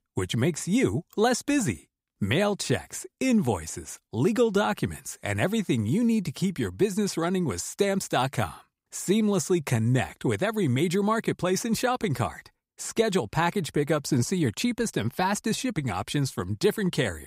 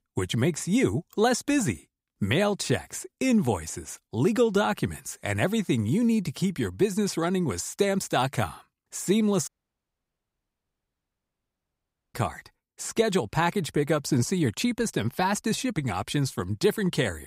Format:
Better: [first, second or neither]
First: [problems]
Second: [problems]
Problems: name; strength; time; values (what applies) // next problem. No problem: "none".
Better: first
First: none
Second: audio cutting out; at 9.5 s for 2.5 s